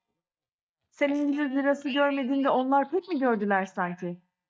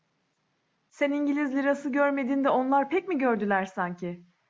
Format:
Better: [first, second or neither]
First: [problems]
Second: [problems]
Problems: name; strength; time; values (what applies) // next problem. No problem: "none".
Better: second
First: noise reduction (neural mask model DeepFilterNet 3)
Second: none